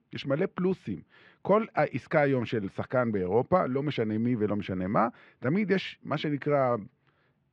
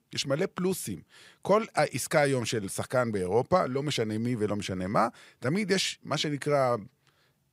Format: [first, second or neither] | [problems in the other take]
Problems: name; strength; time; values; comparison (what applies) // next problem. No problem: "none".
second | muffled; very; fading above 2.5 kHz